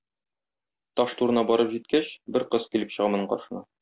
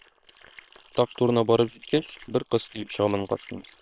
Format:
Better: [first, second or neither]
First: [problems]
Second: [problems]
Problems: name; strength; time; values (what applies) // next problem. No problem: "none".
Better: first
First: none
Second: noise reduction (neural separator model SepFormer WHAM!)